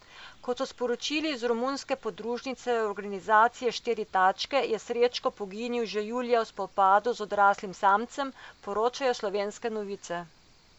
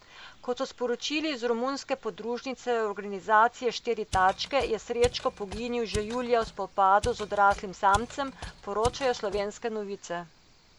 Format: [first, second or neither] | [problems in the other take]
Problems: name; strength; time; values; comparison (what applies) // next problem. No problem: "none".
first | background sound (Mechanisms); 13 dB below the speech